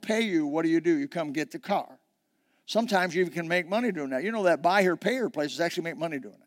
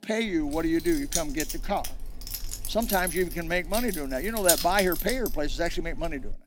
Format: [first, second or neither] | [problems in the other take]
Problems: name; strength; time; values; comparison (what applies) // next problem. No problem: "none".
first | jangling keys; loud; peak 4 dB above the speech